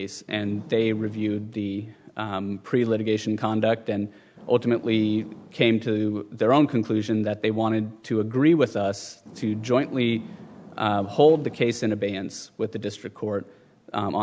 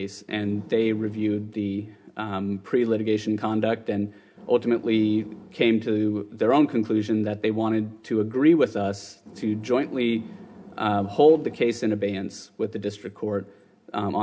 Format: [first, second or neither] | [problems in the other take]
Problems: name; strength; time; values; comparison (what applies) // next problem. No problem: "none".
first | room echo; dies away in 0.3 s